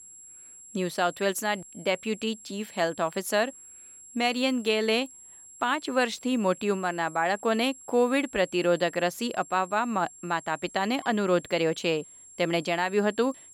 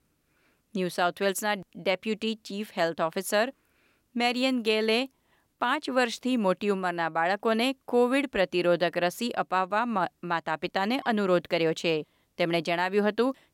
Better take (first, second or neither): second